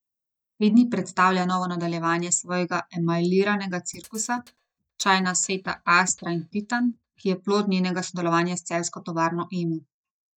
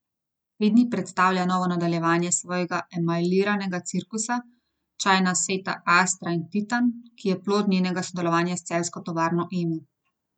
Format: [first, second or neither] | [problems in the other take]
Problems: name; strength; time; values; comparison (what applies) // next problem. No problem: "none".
second | noise reduction (neural mask model DeepFilterNet 3)